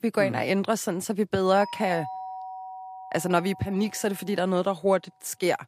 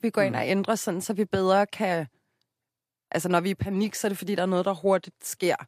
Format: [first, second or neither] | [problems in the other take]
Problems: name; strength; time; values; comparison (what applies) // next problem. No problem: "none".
second | doorbell; noticeable; from 1.5 to 4.5 s; peak 9 dB below the speech